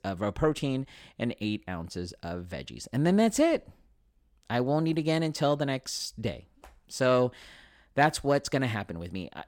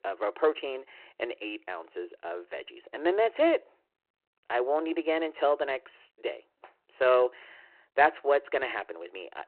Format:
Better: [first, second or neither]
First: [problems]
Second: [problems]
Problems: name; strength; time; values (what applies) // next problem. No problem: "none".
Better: first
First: none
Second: phone-call audio; nothing above 4 kHz